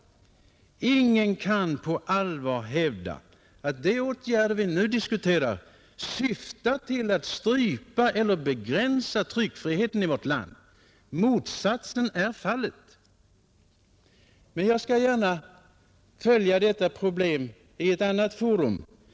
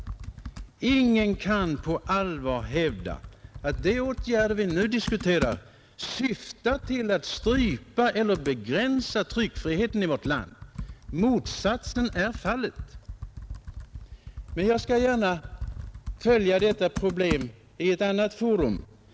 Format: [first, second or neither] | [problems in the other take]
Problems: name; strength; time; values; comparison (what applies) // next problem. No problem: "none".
first | background sound (Computer keyboard); 12 dB below the speech